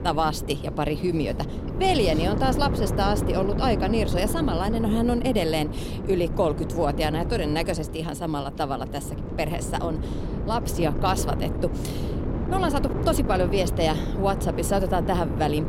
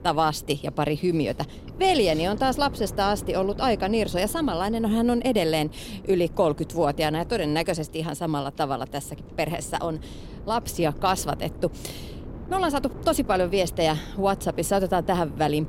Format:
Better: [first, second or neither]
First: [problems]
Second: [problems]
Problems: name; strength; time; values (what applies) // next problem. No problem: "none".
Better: second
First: wind noise on the microphone; heavy; 8 dB below the speech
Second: wind noise on the microphone; occasional gusts; 20 dB below the speech